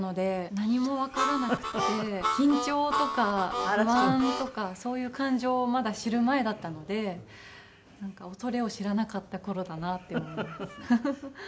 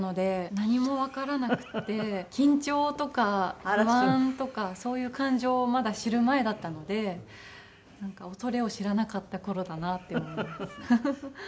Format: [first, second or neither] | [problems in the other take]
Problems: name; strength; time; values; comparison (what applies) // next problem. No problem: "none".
second | background sound (Harmonica); 2 dB below the speech